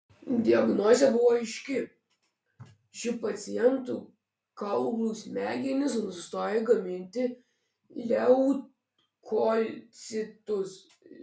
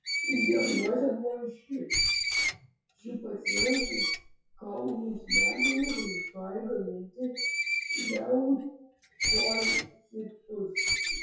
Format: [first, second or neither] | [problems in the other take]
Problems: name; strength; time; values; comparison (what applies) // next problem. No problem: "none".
first | noise reduction (classical method WPE with log-MMSE)